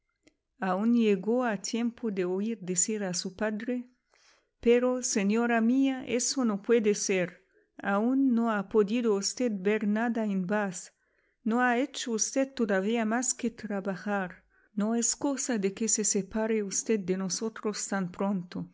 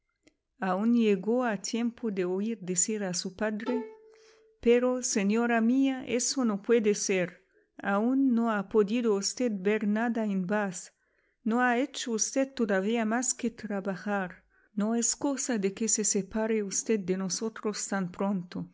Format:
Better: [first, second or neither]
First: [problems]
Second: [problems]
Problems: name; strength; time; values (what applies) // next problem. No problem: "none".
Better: first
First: none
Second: background sound (Bowed string instrument); 13 dB below the speech